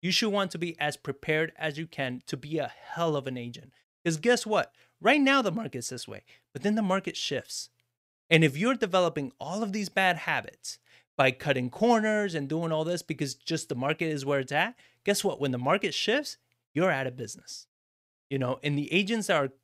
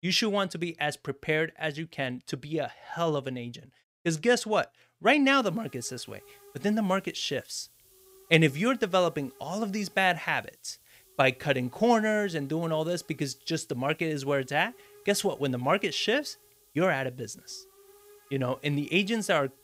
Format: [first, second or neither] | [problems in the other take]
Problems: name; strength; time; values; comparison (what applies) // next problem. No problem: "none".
first | hiss; faint; from 5.5 s on; 25 dB below the speech